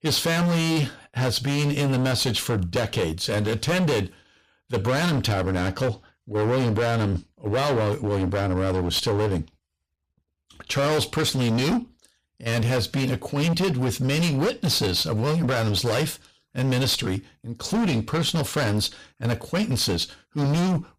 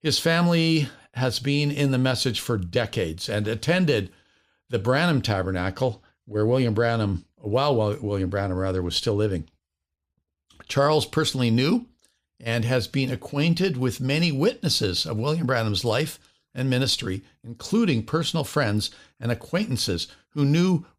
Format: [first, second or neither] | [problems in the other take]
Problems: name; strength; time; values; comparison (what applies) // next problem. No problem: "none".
second | distortion; heavy; 22% of the sound clipped